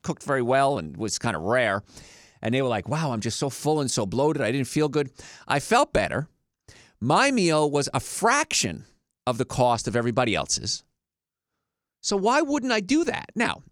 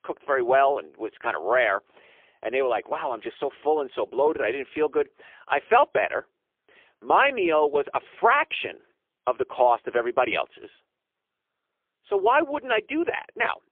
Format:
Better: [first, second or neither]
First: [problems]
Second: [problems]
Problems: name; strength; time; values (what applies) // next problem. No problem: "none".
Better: first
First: none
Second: phone-call audio; poor line